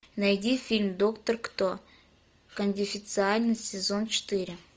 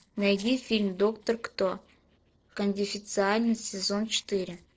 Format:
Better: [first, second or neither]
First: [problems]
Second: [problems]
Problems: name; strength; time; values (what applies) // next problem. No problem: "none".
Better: first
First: none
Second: noise reduction (neural separator model SepFormer DNS4)